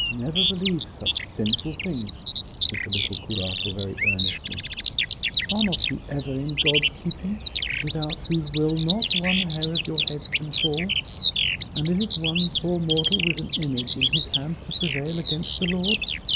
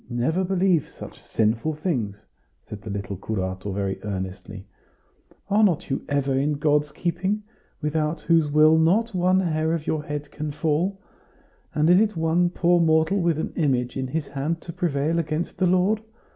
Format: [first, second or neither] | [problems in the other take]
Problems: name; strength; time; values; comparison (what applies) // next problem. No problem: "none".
second | background sound (Bird vocalization, bird call, bird song); 1 dB above the speech